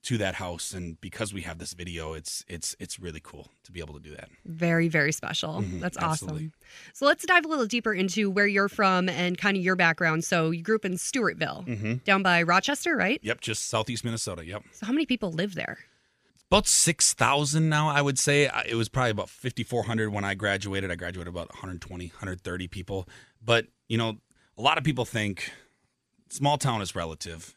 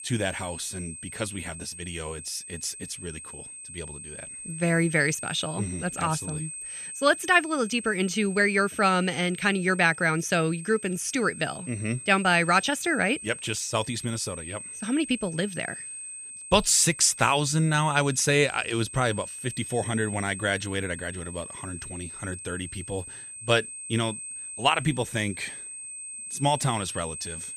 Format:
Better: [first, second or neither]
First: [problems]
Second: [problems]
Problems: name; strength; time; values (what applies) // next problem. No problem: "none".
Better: first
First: none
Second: high-pitched whine; noticeable; throughout; 8.5 kHz, 10 dB below the speech